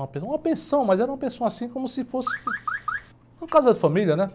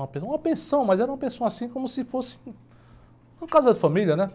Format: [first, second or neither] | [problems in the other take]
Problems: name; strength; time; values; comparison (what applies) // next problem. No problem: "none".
second | background sound (Car); 7 dB below the speech